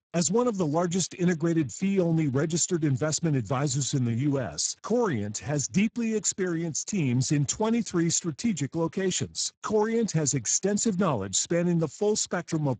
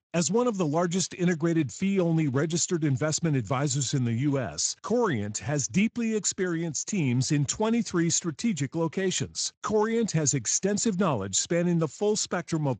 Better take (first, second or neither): second